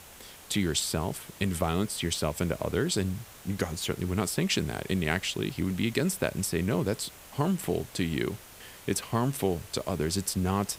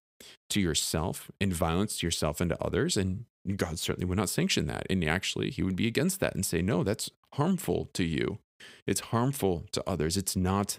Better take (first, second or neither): second